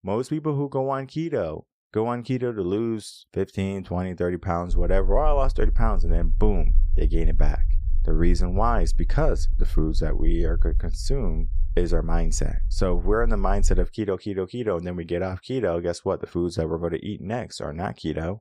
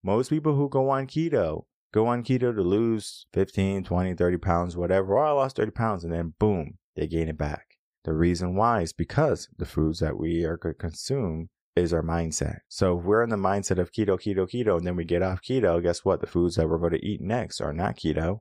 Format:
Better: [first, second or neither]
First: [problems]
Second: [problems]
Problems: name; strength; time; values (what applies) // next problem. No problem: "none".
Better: second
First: low rumble; faint; from 4.5 to 14 s; 25 dB below the speech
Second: none